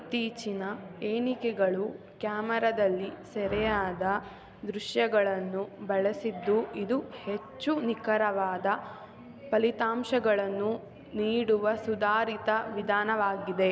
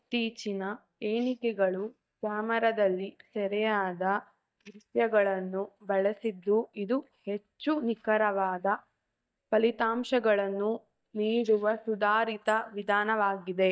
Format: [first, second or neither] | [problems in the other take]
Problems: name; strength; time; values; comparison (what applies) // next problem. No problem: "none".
first | noise reduction (neural mask model DeepFilterNet 3)